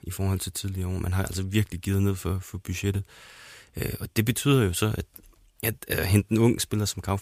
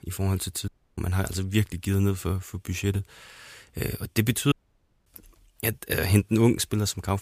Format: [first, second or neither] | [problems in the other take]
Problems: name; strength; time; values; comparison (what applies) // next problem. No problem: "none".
first | audio cutting out; at 0.5 s and at 4.5 s for 0.5 s